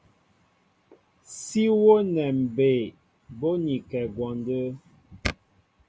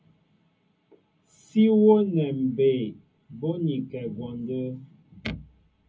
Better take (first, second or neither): first